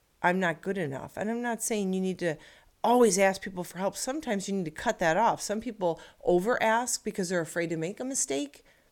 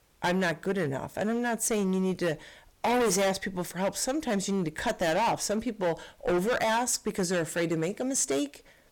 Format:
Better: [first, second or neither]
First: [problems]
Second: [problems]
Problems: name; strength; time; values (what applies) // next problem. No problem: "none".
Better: first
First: none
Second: distortion; heavy; 14% of the sound clipped